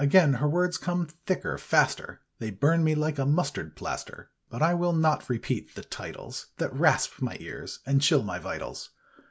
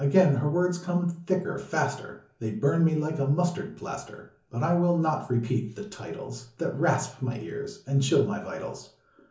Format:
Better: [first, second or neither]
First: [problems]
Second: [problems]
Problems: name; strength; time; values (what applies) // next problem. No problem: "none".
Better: first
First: none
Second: room echo; dies away in 0.8 s